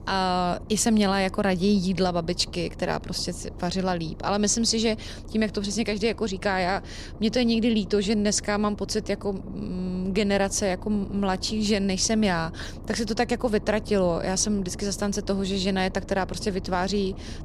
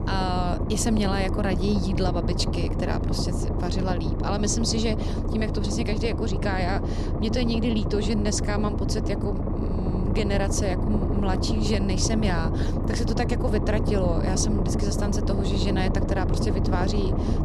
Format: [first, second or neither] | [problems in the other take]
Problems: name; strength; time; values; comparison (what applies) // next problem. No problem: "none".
first | low rumble; loud; throughout; 3 dB below the speech; faint in the first